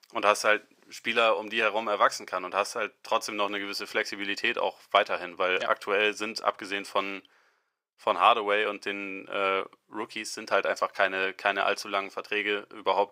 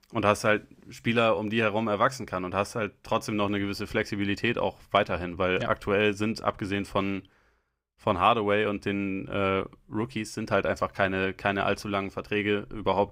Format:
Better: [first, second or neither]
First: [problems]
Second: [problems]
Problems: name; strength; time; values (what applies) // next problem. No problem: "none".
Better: second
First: thin; somewhat; fading below 500 Hz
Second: none